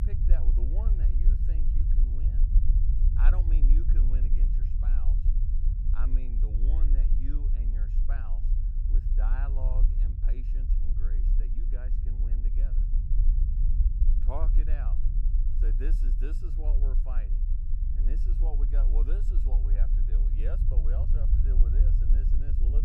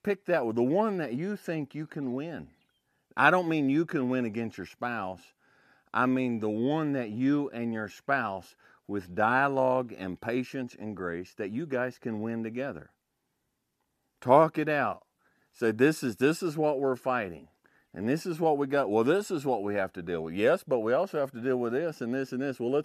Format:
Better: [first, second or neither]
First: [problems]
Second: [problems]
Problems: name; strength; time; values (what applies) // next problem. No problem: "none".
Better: second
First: low rumble; loud; throughout; 2 dB below the speech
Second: none